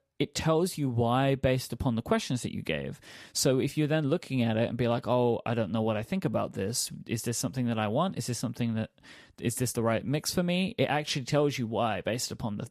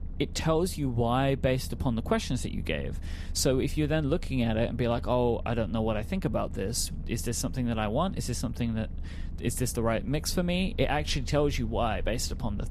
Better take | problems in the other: first | low rumble; faint; throughout; 25 dB below the speech

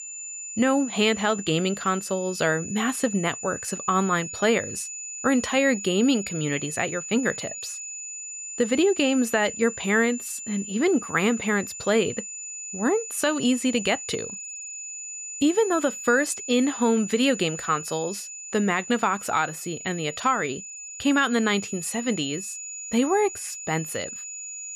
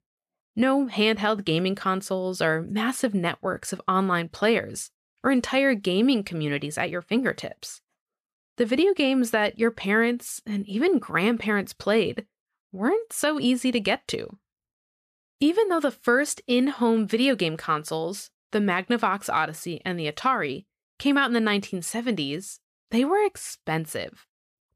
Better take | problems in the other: second | high-pitched whine; loud; throughout; 7 kHz, 9 dB below the speech

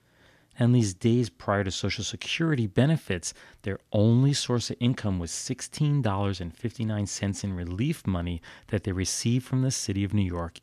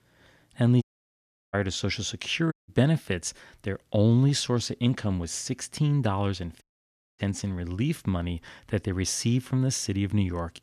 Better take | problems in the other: first | audio cutting out; at 1 s for 0.5 s, at 2.5 s and at 6.5 s for 0.5 s

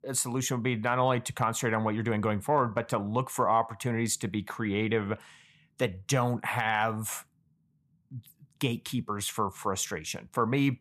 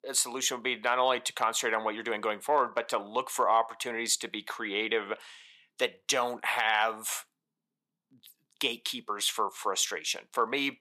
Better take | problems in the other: first | thin; somewhat; fading below 350 Hz

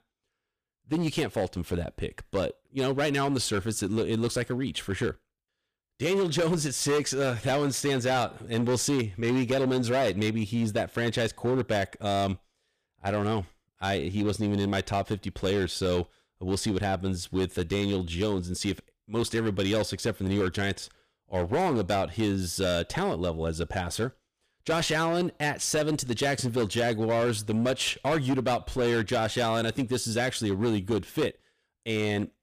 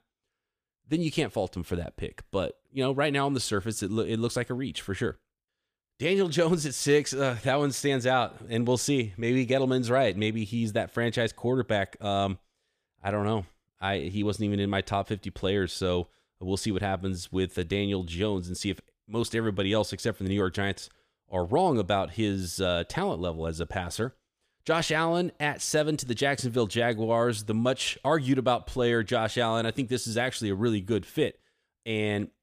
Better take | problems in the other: second | distortion; slight; 11% of the sound clipped

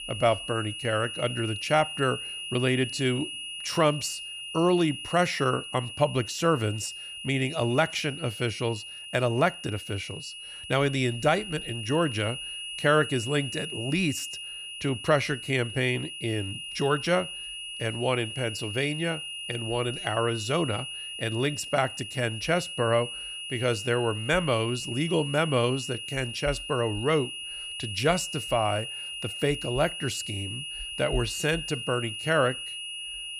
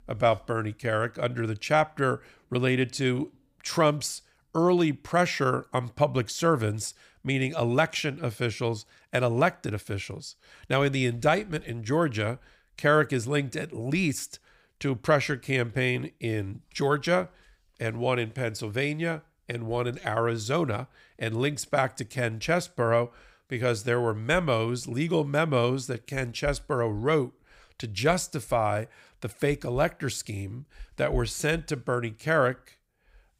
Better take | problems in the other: second | high-pitched whine; loud; throughout; 3 kHz, 7 dB below the speech

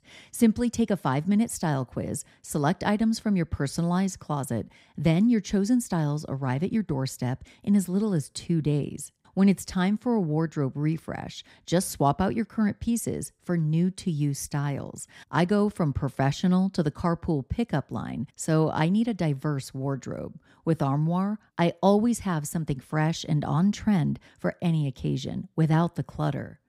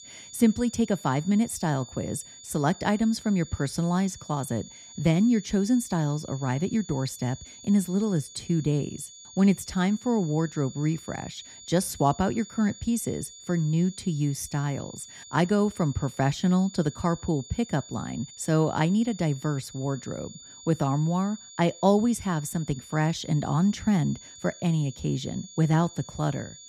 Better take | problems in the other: first | high-pitched whine; noticeable; throughout; 7 kHz, 15 dB below the speech

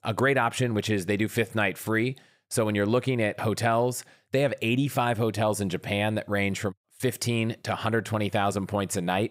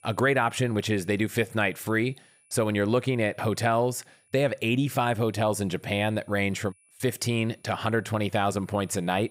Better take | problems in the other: first | high-pitched whine; faint; throughout; 9.5 kHz, 35 dB below the speech

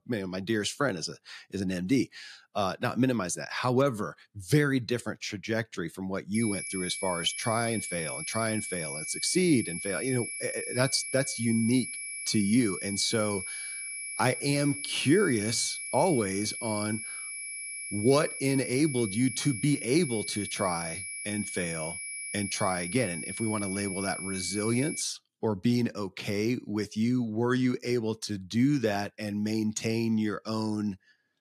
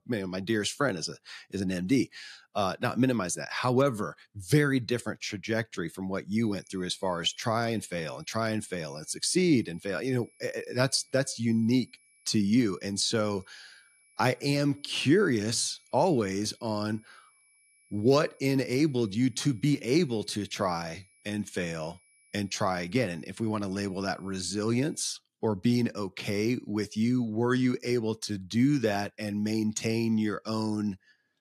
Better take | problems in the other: second | high-pitched whine; loud; from 6.5 to 25 s; 2.5 kHz, 5 dB below the speech; faint in the second

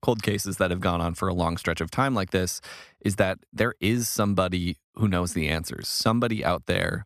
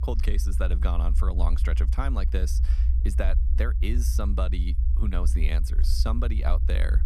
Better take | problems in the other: first | low rumble; loud; throughout; 9 dB below the speech

